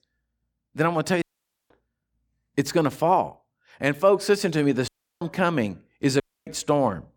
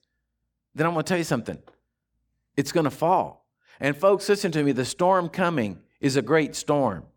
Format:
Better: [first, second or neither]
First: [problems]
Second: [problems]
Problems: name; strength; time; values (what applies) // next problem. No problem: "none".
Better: second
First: audio cutting out; at 1 s, at 5 s and at 6 s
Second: none